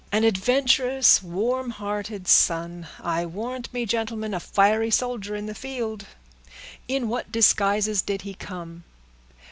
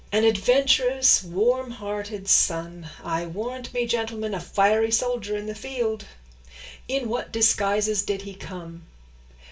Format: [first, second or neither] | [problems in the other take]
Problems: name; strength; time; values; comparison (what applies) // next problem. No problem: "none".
first | room echo; dies away in 0.2 s